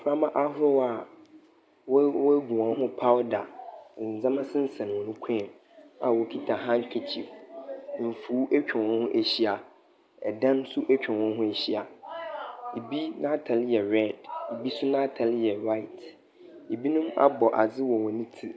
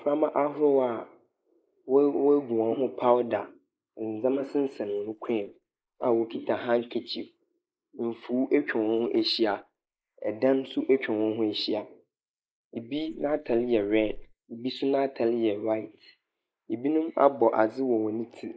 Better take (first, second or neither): first